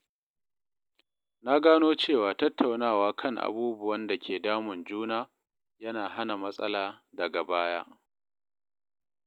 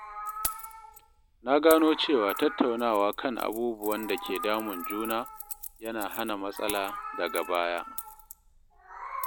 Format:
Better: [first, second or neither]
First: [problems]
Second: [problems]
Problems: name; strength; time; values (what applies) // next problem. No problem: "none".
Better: first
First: none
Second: background sound (Meow + Keys jangling); 10 dB below the speech